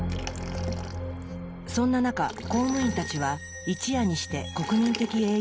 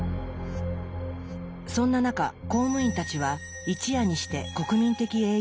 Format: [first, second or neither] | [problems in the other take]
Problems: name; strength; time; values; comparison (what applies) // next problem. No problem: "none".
second | background sound (Liquid); 15 dB below the speech